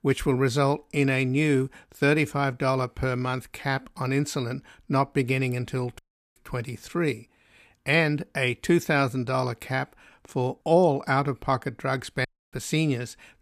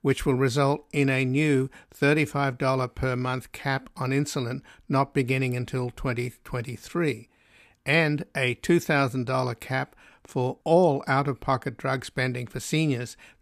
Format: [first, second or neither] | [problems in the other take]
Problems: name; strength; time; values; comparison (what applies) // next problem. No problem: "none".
second | audio cutting out; at 6 s and at 12 s